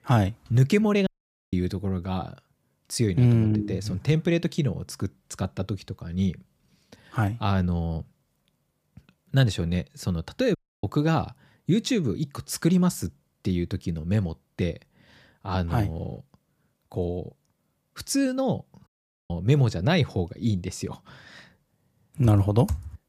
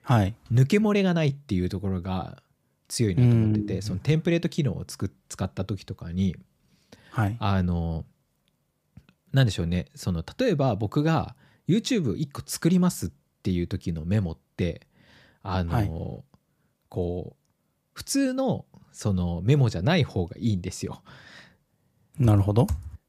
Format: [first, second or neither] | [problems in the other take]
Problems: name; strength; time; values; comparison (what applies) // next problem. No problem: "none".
second | audio cutting out; at 1 s, at 11 s and at 19 s